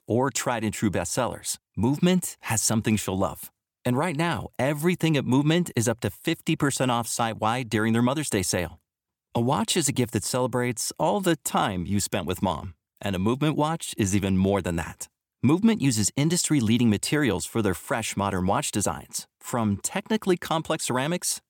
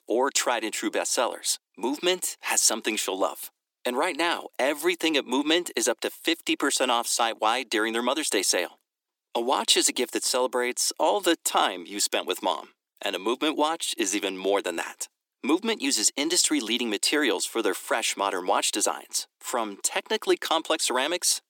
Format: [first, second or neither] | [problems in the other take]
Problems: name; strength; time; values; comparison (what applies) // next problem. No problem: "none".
first | thin; somewhat; fading below 300 Hz